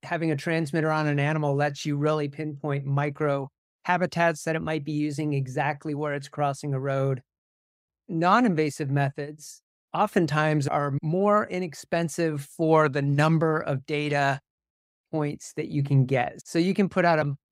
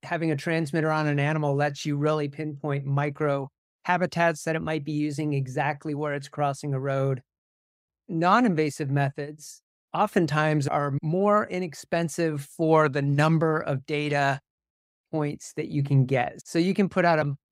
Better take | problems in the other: neither | none

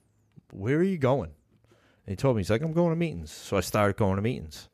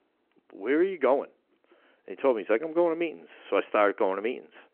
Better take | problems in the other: first | phone-call audio

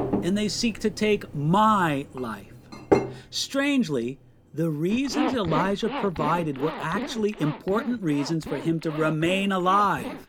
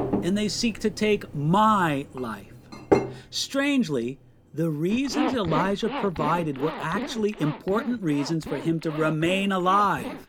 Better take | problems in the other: neither | household noises; loud; throughout; 7 dB below the speech; the same in both

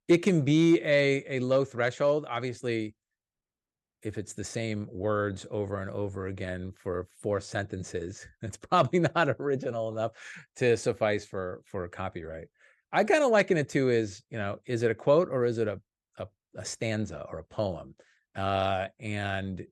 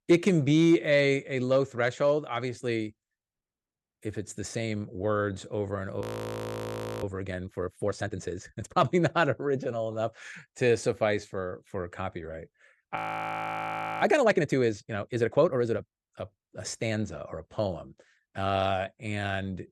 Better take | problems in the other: first | audio freezing; at 6 s for 1 s and at 13 s for 1 s

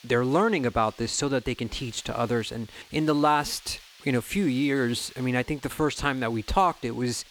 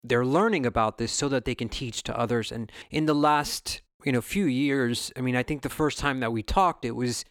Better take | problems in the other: second | hiss; faint; throughout; 25 dB below the speech

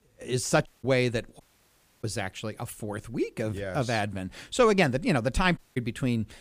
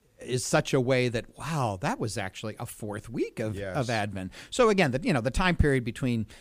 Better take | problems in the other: second | audio cutting out; at 0.5 s, at 1.5 s for 0.5 s and at 5.5 s

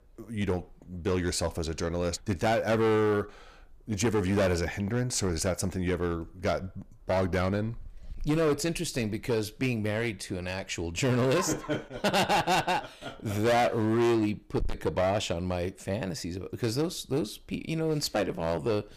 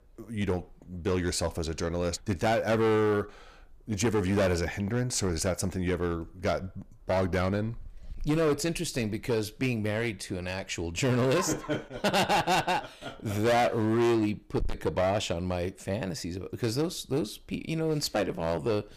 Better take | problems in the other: neither | distortion; heavy; 9% of the sound clipped; the same in both

